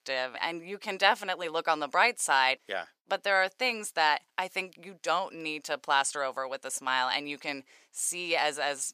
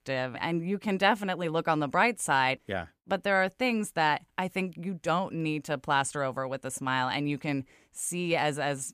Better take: second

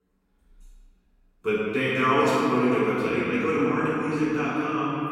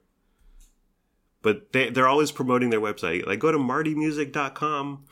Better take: second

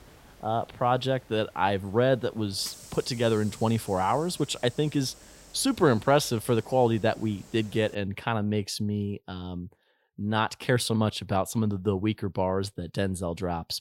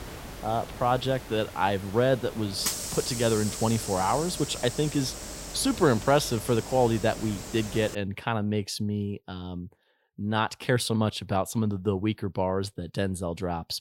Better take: first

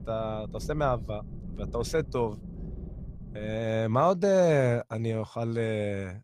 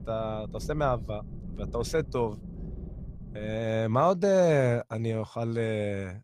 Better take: neither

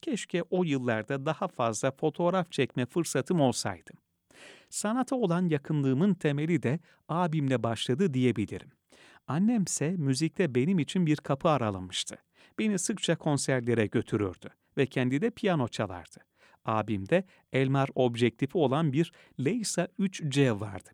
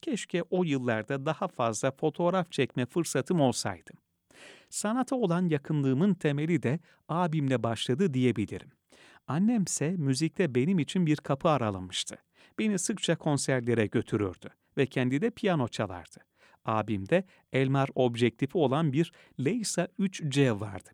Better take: neither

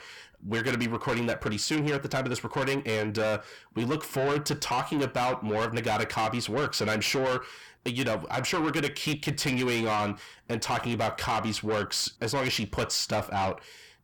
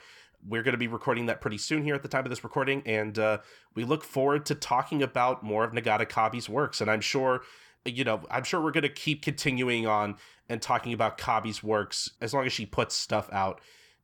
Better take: second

